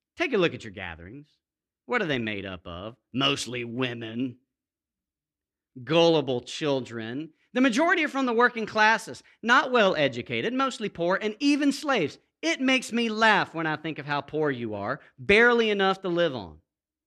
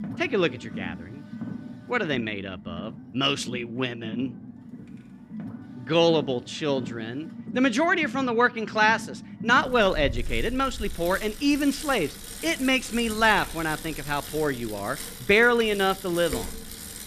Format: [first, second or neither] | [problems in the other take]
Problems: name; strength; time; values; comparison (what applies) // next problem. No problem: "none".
first | traffic noise; noticeable; throughout; 15 dB below the speech